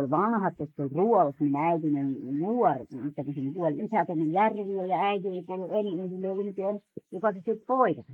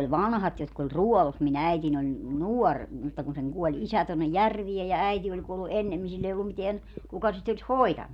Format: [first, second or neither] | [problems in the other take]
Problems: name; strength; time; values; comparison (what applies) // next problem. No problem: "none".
second | noise reduction (neural mask model Resemble Enhance denoiser)